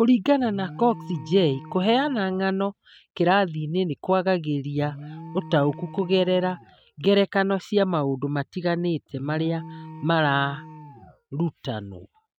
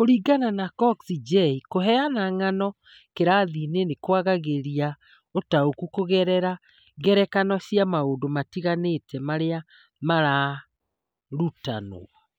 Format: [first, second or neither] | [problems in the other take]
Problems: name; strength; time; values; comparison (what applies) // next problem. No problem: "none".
second | noise reduction (neural mask model RNNoise)